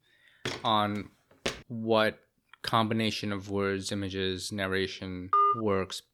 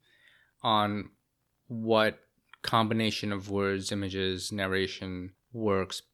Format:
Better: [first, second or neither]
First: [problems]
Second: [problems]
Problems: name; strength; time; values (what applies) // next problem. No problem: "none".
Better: second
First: footsteps; noticeable; until 1.5 s; peak 6 dB below the speech // phone ringing; loud; at 5.5 s; peak 6 dB above the speech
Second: none